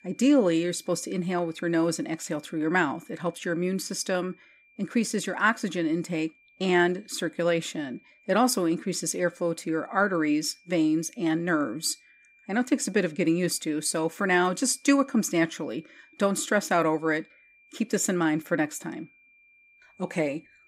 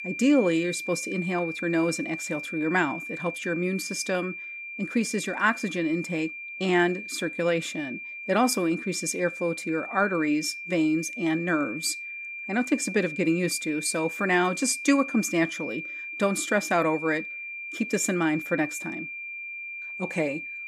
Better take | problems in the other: first | high-pitched whine; loud; throughout; 2.5 kHz, 8 dB below the speech; faint in the first

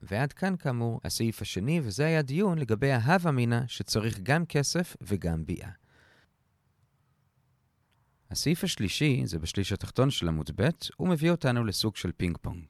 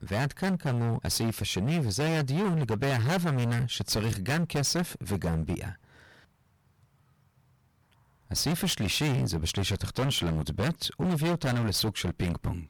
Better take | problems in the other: first | distortion; heavy; 22% of the sound clipped

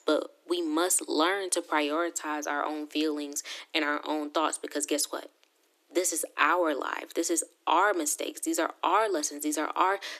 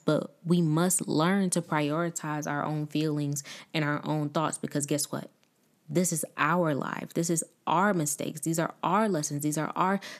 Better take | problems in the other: second | thin; somewhat; fading below 300 Hz

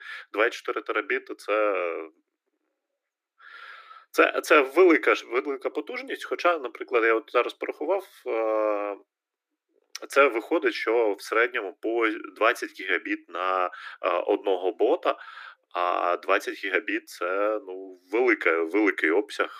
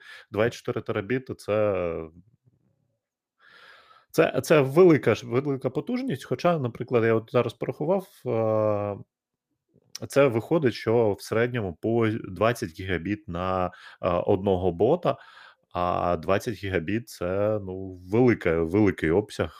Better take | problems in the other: second | thin; somewhat; fading below 300 Hz

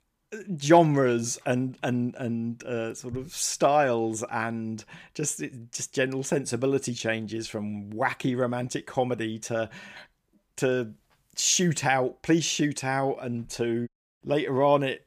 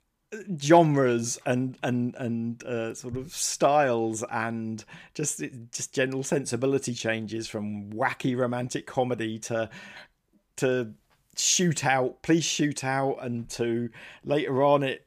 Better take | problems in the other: second | audio cutting out; at 14 s

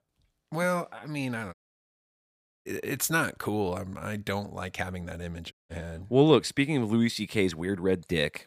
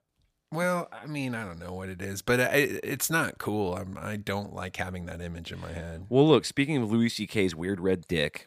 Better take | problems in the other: second | audio cutting out; at 1.5 s for 1 s and at 5.5 s

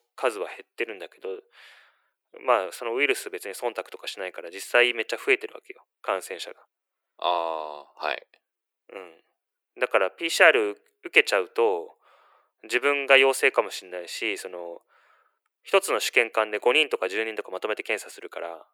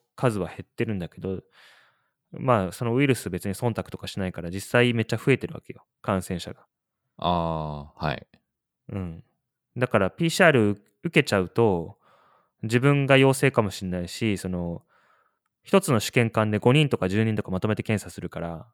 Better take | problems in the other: second | thin; very; fading below 350 Hz

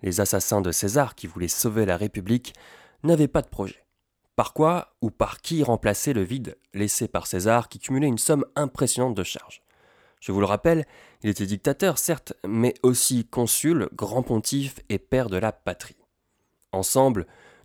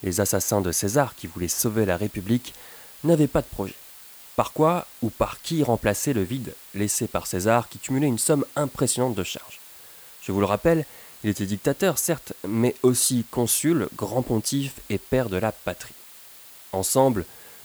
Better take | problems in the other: first | hiss; noticeable; throughout; 20 dB below the speech

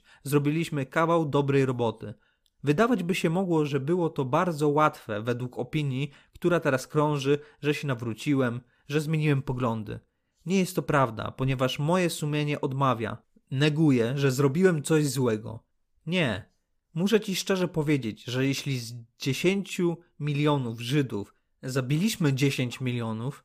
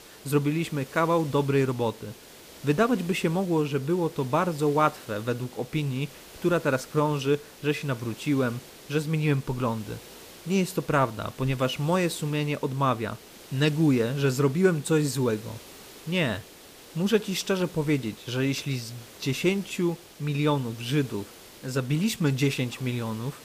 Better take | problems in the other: first | hiss; noticeable; throughout; 20 dB below the speech

